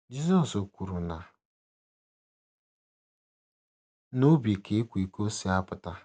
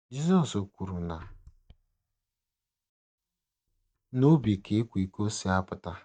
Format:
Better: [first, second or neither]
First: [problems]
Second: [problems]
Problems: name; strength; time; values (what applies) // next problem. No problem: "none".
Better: first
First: none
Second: noise reduction (neural mask model DeepFilterNet 3)